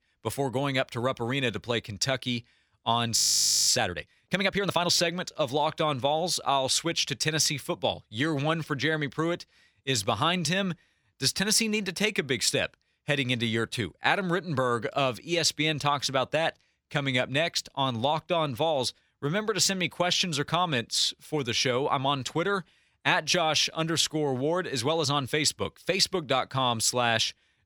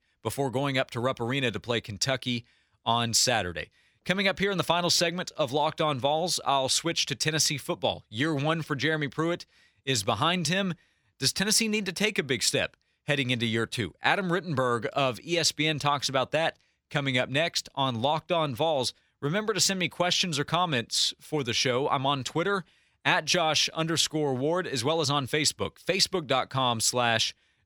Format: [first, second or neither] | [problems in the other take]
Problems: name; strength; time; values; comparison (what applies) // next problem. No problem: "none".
second | audio freezing; at 3 s for 0.5 s